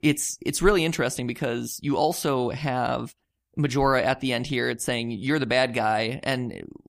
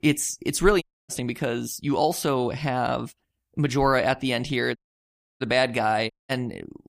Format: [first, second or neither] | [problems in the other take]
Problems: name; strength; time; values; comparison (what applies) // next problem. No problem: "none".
first | audio cutting out; at 1 s, at 5 s for 0.5 s and at 6 s